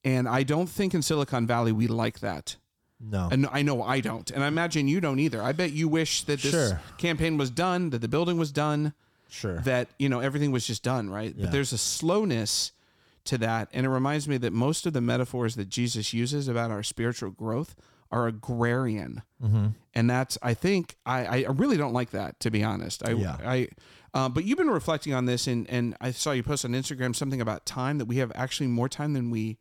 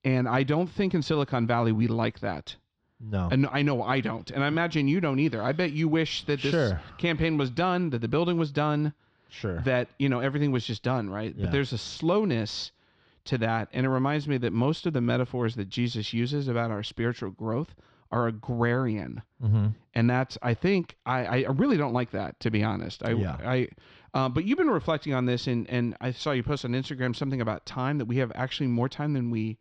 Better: first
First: none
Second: muffled; slightly; fading above 4 kHz

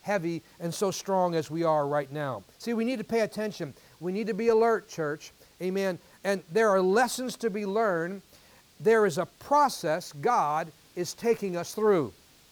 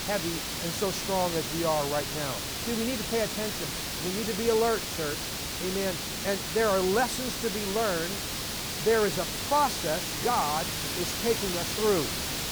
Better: first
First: hiss; faint; throughout; 30 dB below the speech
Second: hiss; loud; throughout; 1 dB below the speech

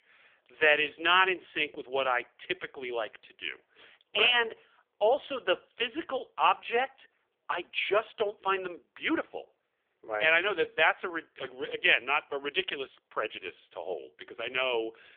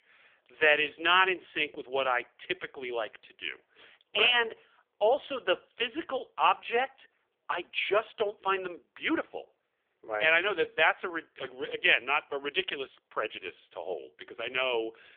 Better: neither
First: phone-call audio; poor line; nothing above 3 kHz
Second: phone-call audio; poor line; nothing above 3 kHz

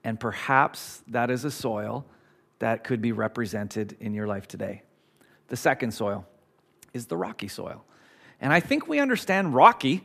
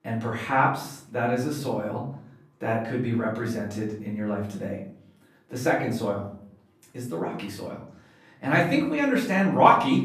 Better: first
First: none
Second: off-mic speech; far // room echo; slight; dies away in 0.6 s

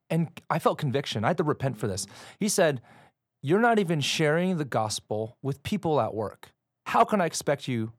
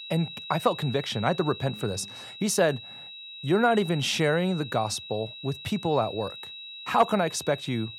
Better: first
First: none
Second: high-pitched whine; noticeable; throughout; 4 kHz, 10 dB below the speech

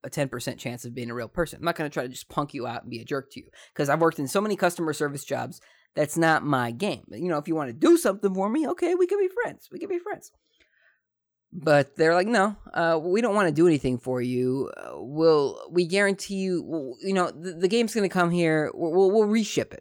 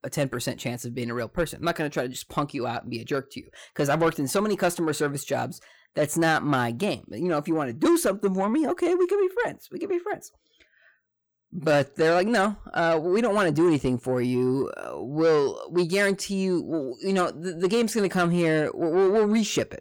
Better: first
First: none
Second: distortion; slight; 10 dB below the speech

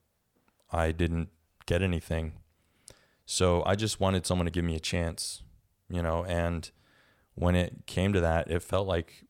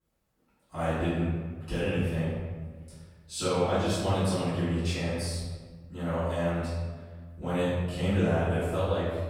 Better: first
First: none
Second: off-mic speech; far // room echo; strong; dies away in 1.4 s

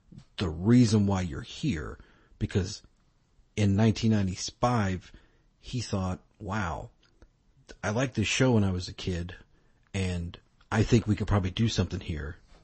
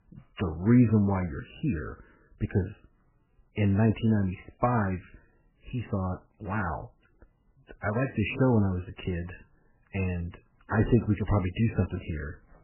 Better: first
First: garbled, watery; slightly; nothing above 8 kHz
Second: garbled, watery; badly; nothing above 3 kHz

